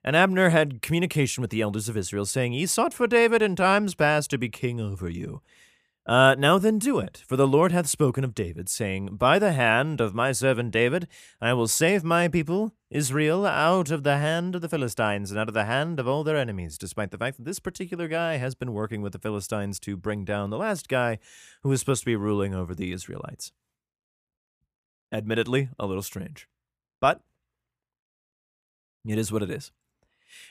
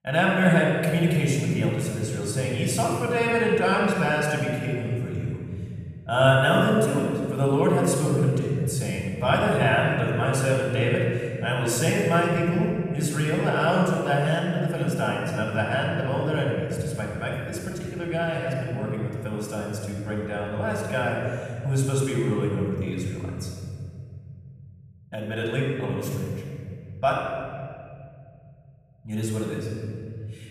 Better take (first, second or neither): first